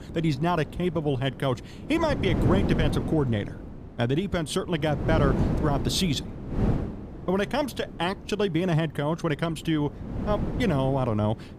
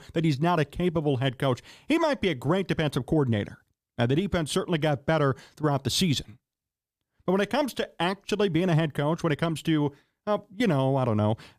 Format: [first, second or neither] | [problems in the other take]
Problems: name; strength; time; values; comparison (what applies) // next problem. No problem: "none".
second | wind noise on the microphone; heavy; 8 dB below the speech